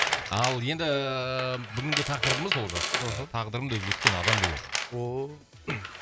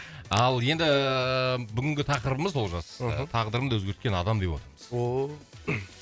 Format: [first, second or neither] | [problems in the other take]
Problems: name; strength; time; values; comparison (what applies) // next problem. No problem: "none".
second | background sound (Tools); as loud as the speech